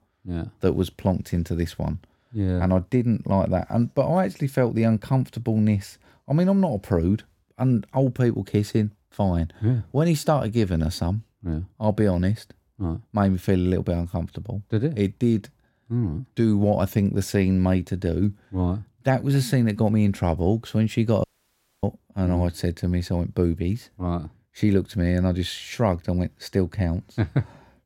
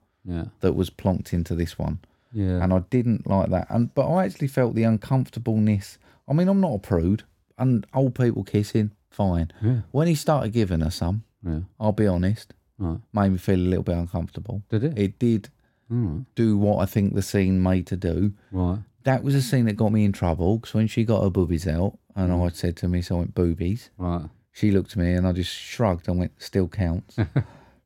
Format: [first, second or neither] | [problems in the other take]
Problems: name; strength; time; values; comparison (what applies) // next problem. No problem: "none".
second | audio cutting out; at 21 s for 0.5 s